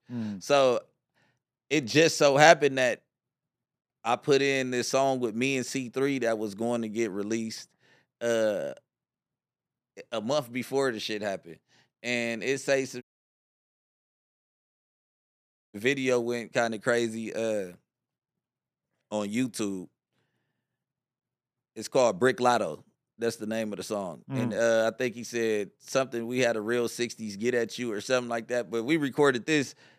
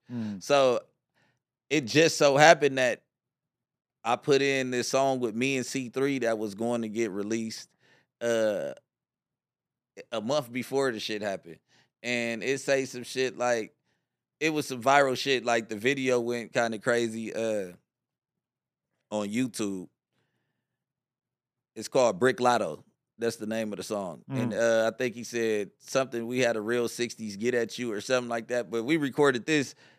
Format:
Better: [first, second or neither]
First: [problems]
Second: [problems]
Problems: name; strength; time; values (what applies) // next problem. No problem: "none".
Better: second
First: audio cutting out; at 13 s for 2.5 s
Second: none